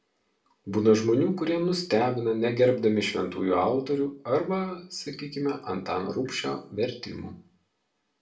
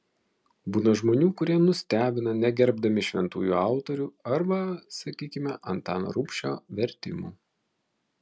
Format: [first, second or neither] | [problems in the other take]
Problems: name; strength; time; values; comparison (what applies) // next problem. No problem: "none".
second | room echo; dies away in 0.3 s